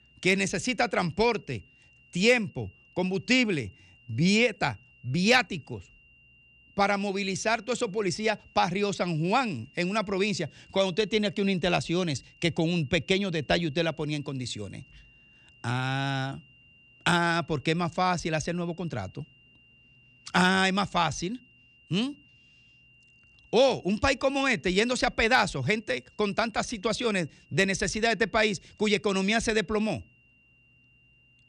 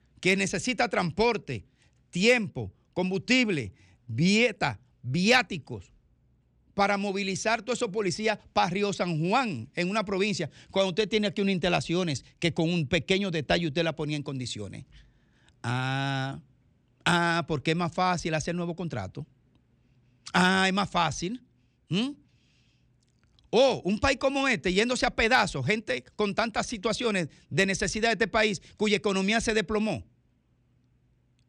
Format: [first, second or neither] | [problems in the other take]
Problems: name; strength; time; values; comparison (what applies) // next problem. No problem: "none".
second | high-pitched whine; faint; throughout; 3 kHz, 30 dB below the speech